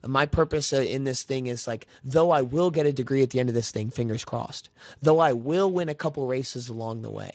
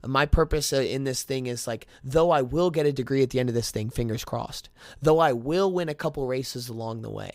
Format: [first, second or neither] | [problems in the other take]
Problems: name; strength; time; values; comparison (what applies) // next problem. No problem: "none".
second | garbled, watery; slightly; nothing above 7.5 kHz